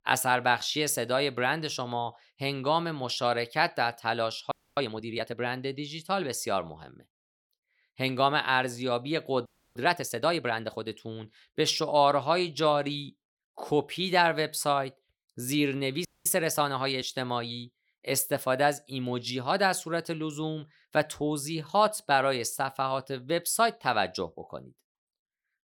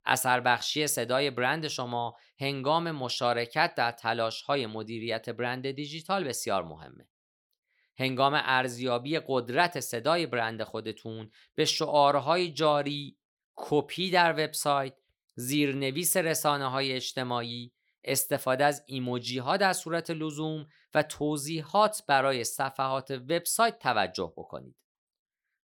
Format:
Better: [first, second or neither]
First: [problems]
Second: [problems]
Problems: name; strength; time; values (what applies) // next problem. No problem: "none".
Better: second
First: audio freezing; at 4.5 s, at 9.5 s and at 16 s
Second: none